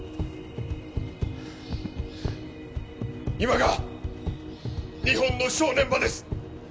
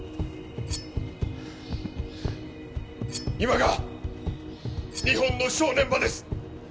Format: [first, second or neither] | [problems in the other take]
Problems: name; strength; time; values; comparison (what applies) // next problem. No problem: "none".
first | background sound (Cutlery, silverware); 17 dB below the speech